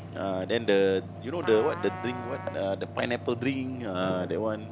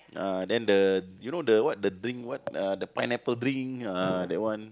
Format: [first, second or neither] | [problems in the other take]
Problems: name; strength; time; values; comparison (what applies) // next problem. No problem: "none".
second | background sound (Trumpet + Mechanical fan); 11 dB below the speech